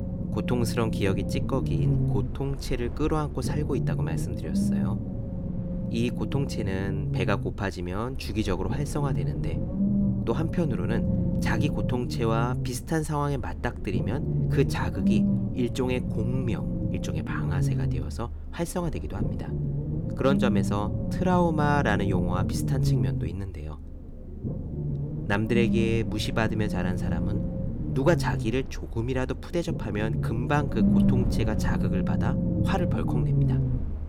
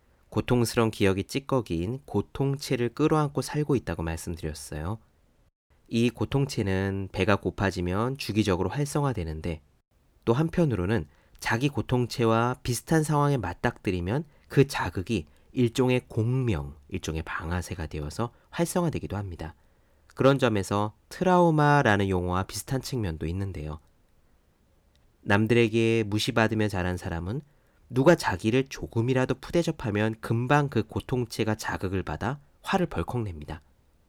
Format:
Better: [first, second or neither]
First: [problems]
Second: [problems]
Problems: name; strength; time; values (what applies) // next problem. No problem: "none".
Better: second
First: low rumble; loud; throughout; 5 dB below the speech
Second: none